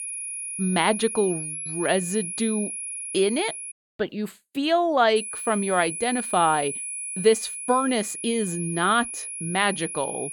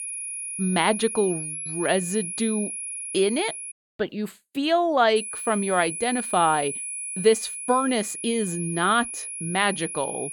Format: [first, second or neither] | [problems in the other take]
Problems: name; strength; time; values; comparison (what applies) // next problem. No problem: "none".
neither | high-pitched whine; loud; until 3.5 s and from 5 s on; 10.5 kHz, 6 dB below the speech; the same in both